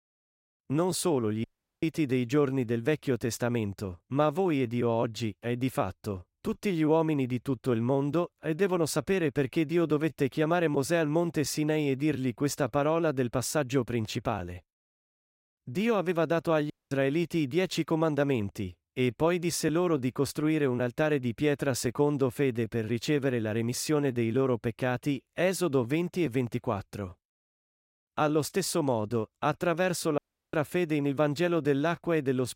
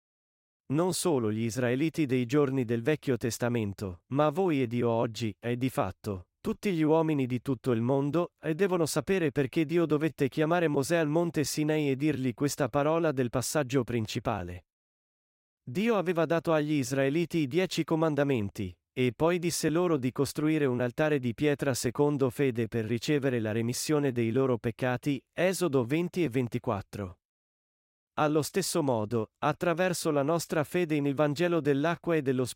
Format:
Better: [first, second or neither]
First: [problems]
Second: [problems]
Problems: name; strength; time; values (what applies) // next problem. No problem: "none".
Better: second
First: audio cutting out; at 1.5 s, at 17 s and at 30 s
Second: none